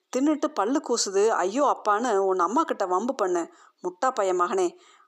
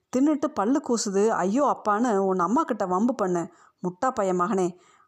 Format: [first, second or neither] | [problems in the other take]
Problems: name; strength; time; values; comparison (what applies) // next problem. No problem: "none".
second | thin; very slightly; fading below 300 Hz